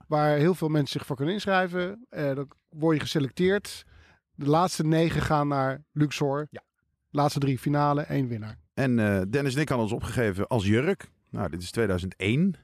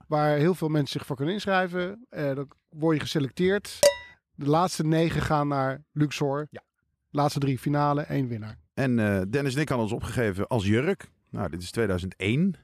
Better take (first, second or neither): first